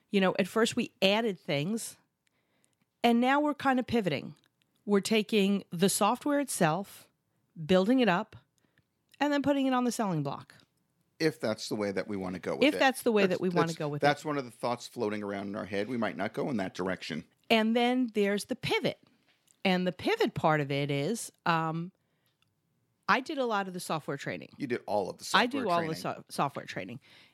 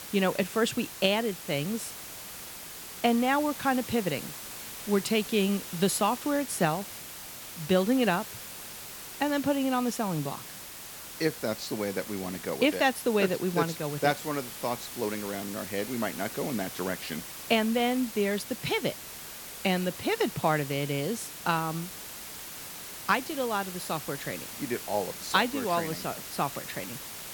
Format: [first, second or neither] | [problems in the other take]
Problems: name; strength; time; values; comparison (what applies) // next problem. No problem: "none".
first | hiss; loud; throughout; 10 dB below the speech